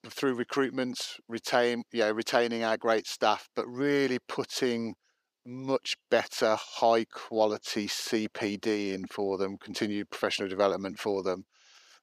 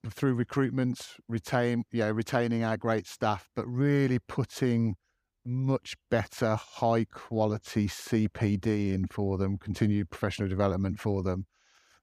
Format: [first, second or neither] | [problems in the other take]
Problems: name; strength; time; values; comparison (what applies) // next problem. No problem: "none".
second | thin; somewhat; fading below 400 Hz